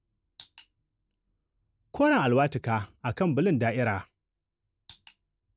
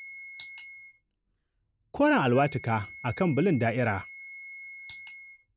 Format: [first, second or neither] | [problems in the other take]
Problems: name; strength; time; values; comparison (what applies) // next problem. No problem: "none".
first | background sound (Wind instrument, woodwind instrument); 17 dB below the speech